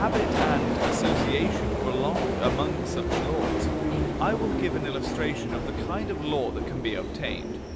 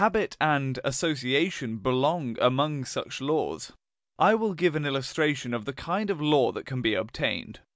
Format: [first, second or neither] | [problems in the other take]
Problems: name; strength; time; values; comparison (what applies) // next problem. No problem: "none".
second | background sound (Subway, metro, underground); 4 dB above the speech